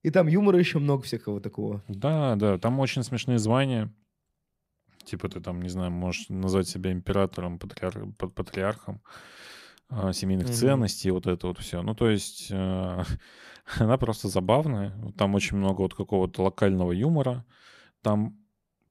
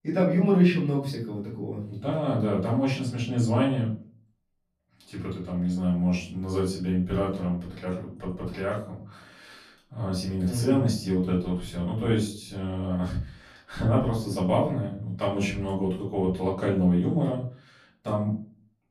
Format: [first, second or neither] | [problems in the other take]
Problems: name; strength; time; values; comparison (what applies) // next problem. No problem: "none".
first | off-mic speech; far // room echo; slight; dies away in 0.4 s